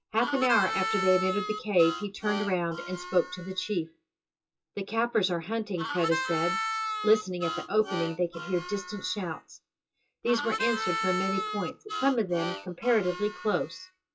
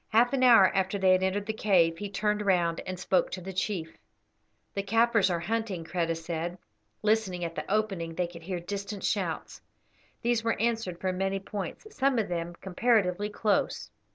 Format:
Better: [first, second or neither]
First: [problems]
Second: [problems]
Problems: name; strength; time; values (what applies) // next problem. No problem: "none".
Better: second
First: noise reduction (classical method WPE with log-MMSE)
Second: none